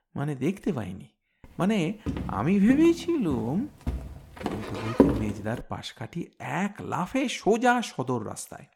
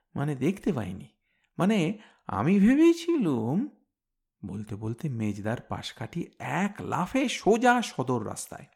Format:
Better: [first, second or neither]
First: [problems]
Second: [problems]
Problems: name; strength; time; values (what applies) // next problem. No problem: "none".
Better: second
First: footsteps; loud; from 2 to 5 s; peak 5 dB above the speech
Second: none